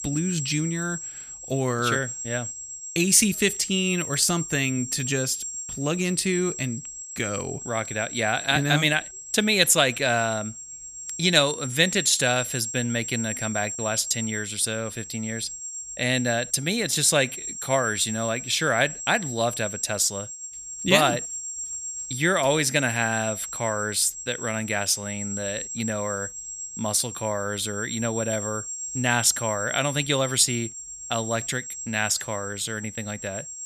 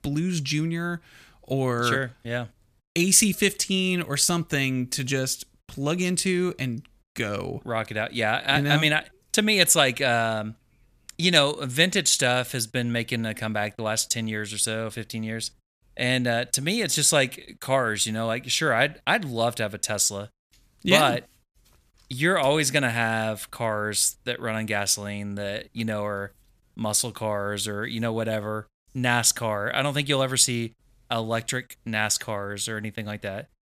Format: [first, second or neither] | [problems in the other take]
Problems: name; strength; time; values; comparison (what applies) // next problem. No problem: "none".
second | high-pitched whine; loud; throughout; 7.5 kHz, 8 dB below the speech